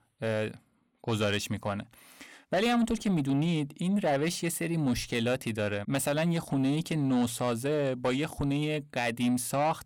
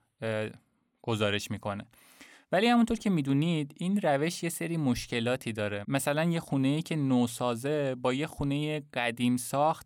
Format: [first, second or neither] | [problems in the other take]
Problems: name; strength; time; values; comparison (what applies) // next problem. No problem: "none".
second | distortion; slight; 10 dB below the speech